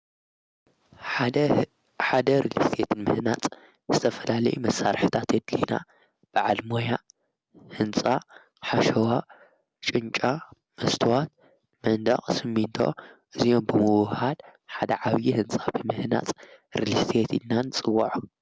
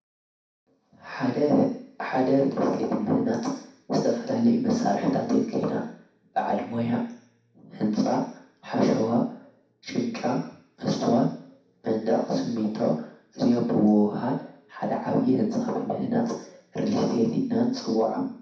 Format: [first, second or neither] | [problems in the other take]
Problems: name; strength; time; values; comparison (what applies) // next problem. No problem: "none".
first | room echo; dies away in 0.6 s